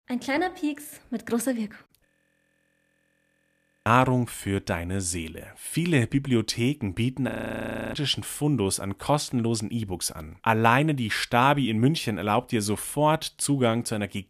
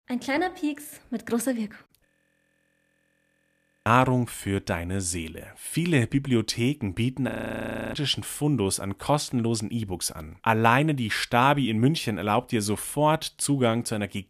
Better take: neither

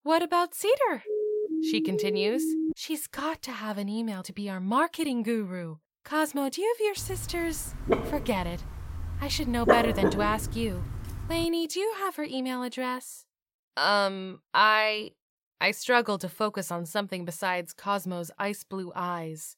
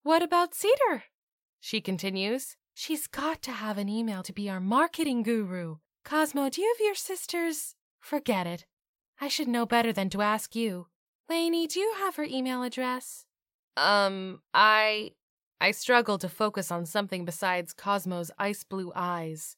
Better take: second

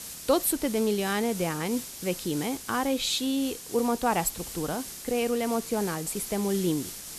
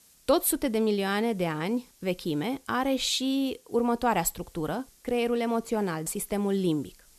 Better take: second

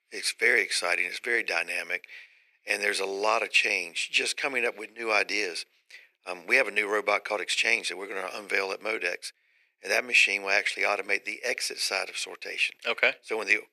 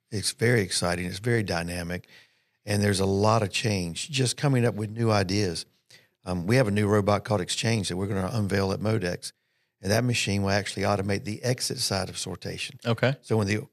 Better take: second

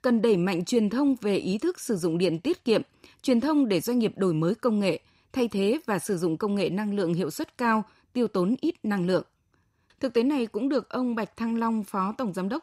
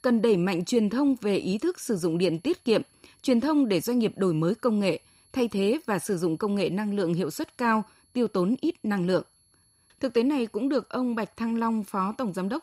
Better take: first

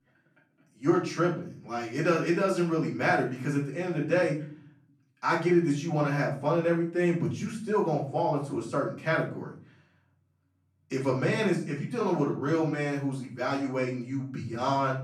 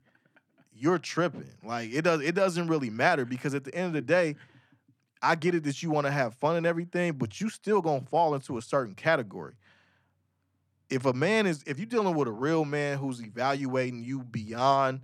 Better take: second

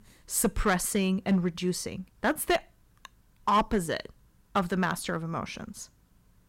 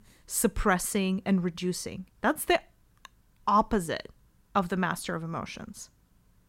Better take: second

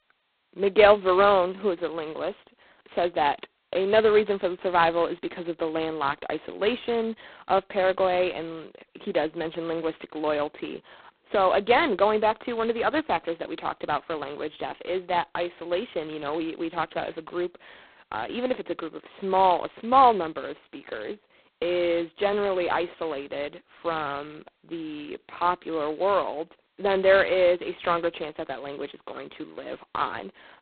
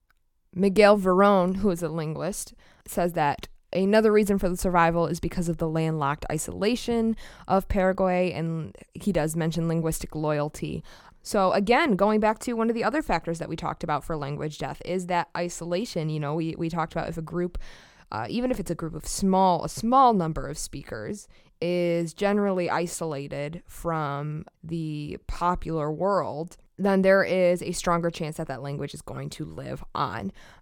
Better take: second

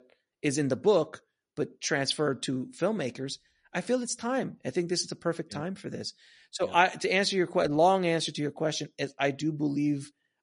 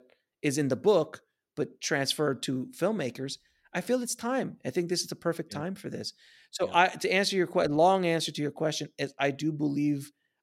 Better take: second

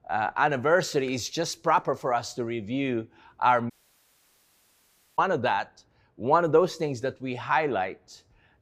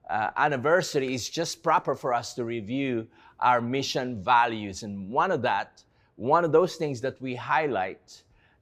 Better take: second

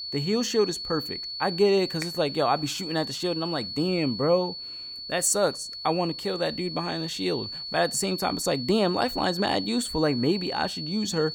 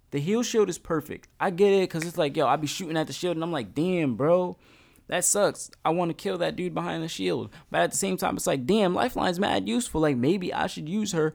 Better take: second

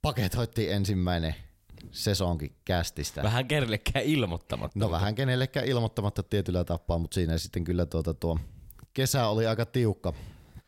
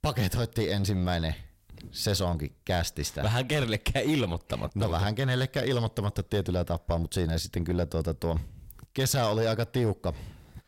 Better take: first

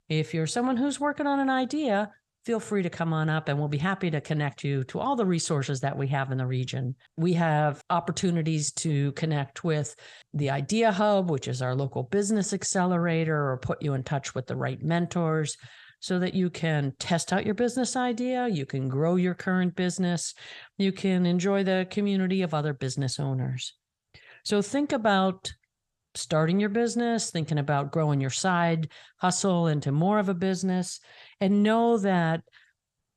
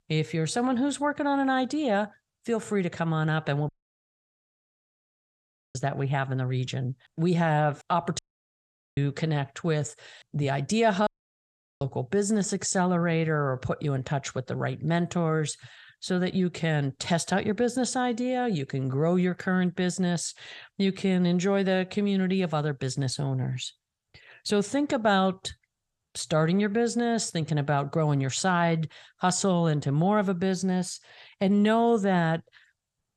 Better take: first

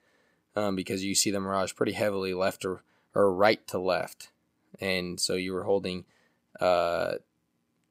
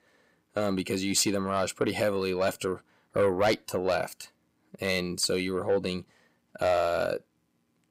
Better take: first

